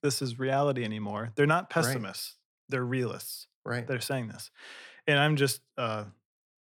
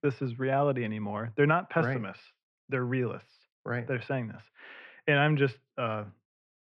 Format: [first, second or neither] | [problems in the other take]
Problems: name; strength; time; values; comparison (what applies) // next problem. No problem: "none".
first | muffled; very; fading above 2.5 kHz